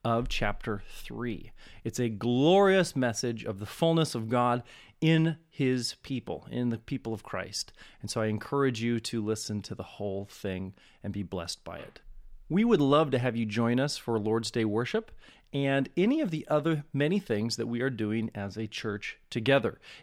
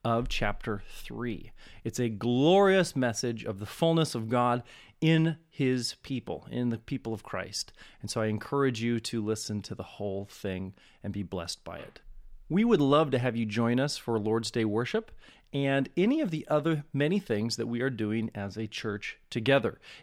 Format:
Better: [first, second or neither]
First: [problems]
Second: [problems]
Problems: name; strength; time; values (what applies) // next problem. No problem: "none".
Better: neither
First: none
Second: none